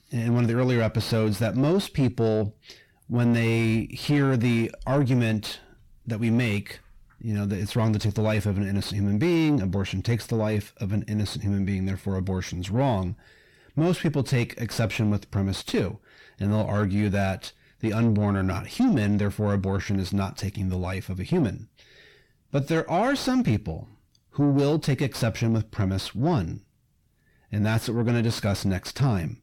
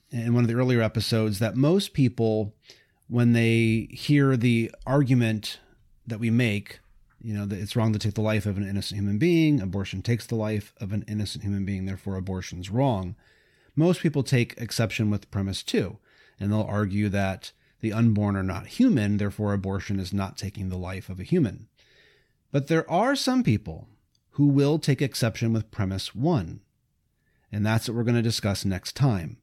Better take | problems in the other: second | distortion; slight; 10 dB below the speech

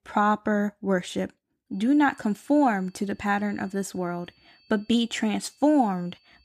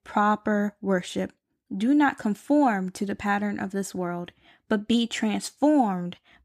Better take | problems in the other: second | high-pitched whine; faint; from 1.5 s on; 4.5 kHz, 35 dB below the speech

